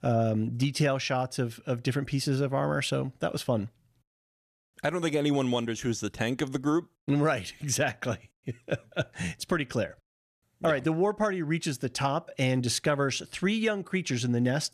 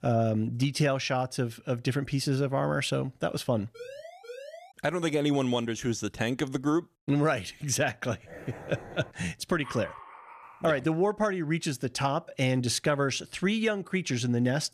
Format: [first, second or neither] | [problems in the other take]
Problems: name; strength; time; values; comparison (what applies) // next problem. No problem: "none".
first | siren; faint; at 3.5 s; peak 15 dB below the speech // dog barking; faint; at 8 s and from 9.5 to 11 s; peak 15 dB below the speech